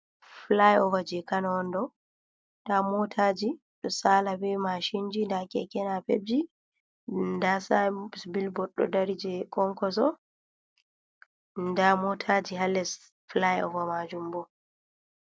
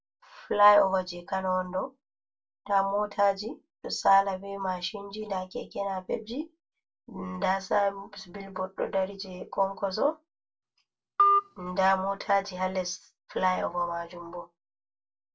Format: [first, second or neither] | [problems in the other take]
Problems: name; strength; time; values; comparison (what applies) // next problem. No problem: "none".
first | background sound (Telephone); 1 dB above the speech // room echo; dies away in 0.1 s